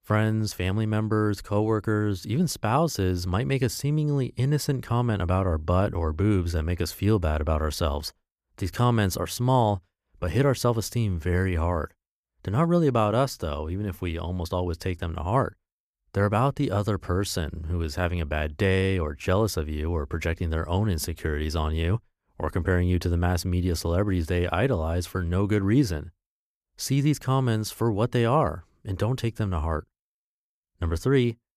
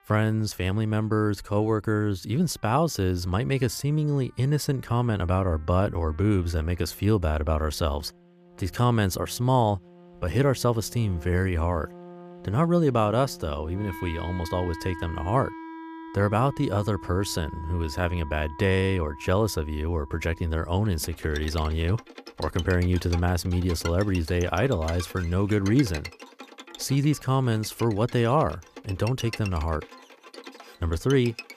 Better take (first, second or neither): first